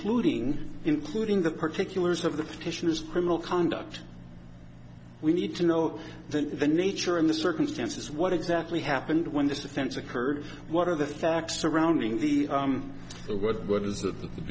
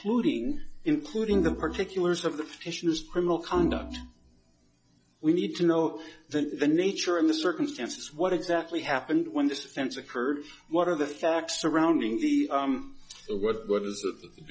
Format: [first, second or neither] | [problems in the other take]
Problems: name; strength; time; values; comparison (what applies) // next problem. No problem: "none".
first | noise reduction (classical method log-MMSE)